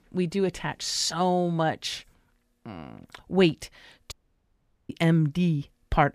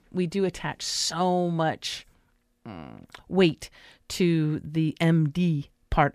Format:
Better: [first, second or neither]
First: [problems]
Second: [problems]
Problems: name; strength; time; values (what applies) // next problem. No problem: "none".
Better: second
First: audio cutting out; at 4 s for 1 s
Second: none